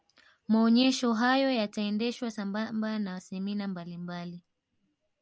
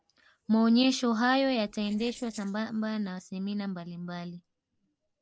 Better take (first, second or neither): first